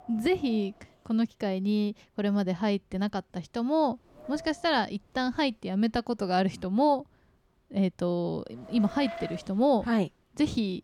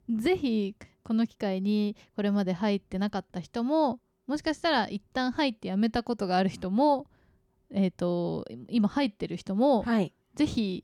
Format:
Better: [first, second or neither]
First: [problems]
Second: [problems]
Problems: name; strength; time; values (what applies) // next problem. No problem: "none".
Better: second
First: wind noise on the microphone; occasional gusts; 15 dB below the speech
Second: none